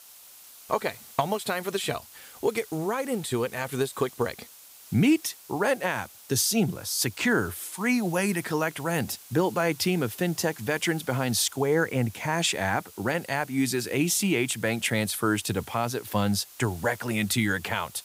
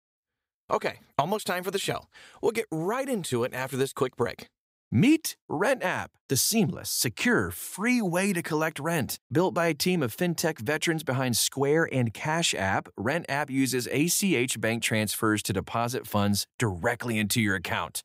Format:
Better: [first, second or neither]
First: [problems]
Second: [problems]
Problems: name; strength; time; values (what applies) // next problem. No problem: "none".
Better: second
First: hiss; noticeable; throughout; 20 dB below the speech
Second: none